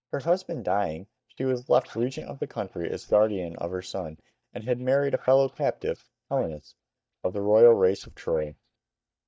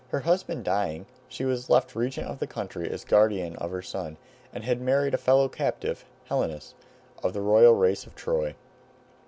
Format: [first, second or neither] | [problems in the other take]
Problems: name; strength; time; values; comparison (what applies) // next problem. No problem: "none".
second | noise reduction (neural mask model DeepFilterNet 3)